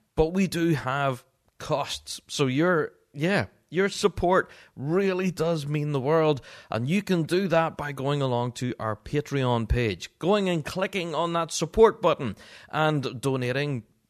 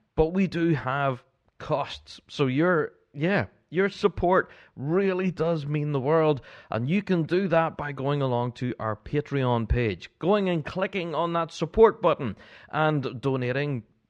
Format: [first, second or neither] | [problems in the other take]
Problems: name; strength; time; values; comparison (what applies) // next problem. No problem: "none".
first | muffled; slightly; fading above 3 kHz